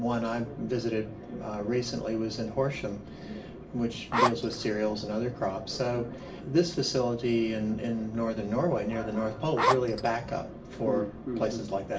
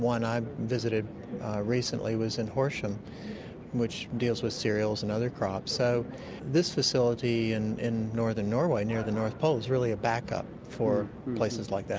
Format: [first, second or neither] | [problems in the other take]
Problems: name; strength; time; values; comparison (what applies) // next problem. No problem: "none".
second | background sound (Zipper (clothing)); 2 dB above the speech // room echo; dies away in 0.4 s